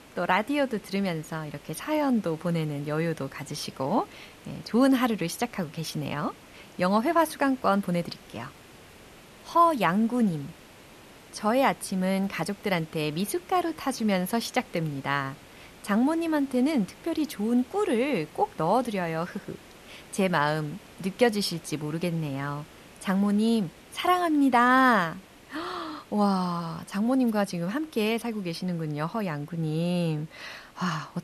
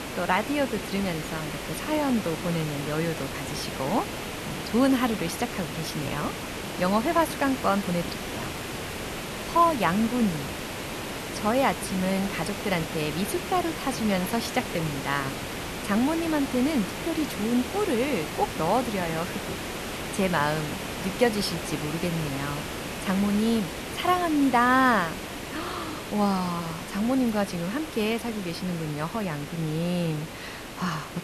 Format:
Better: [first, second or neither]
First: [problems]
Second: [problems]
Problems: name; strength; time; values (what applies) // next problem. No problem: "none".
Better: first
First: hiss; faint; throughout; 25 dB below the speech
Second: hiss; loud; throughout; 6 dB below the speech